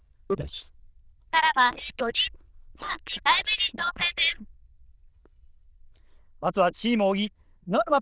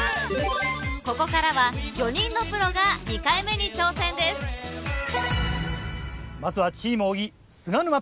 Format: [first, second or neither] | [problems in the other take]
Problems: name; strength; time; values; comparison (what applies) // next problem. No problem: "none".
second | noise reduction (neural diffusion model UNIVERSE++)